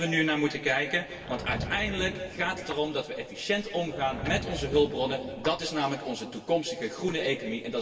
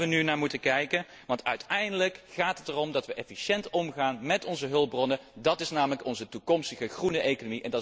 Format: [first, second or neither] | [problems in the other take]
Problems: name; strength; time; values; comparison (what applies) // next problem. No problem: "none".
second | background sound (Sliding door / Wood); 10 dB below the speech // room echo; dies away in 1.9 s